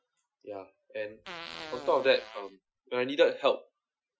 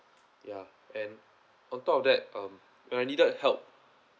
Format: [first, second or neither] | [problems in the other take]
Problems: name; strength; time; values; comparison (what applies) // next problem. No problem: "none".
second | noise reduction (classical method Wiener filter)